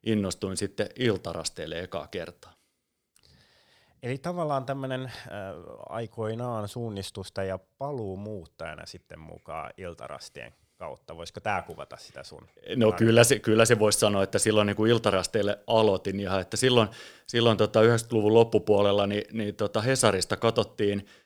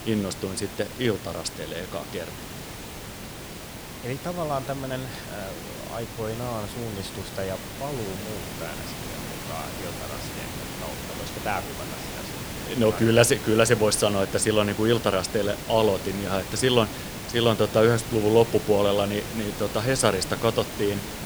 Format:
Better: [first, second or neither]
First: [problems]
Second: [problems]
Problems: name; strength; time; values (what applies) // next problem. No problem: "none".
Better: first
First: none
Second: hiss; loud; throughout; 10 dB below the speech